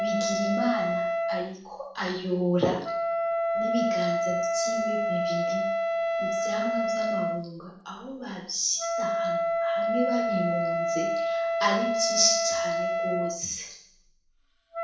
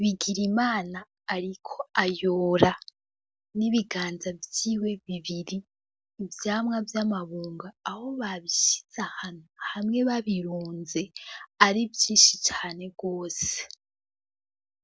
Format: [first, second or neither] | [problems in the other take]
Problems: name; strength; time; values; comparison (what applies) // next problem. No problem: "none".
second | background sound (Wind instrument, woodwind instrument); 3 dB above the speech // room echo; dies away in 0.7 s